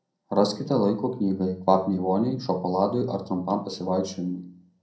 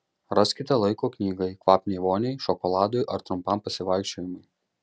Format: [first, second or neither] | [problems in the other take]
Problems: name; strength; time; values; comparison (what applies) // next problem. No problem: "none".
second | room echo; dies away in 0.6 s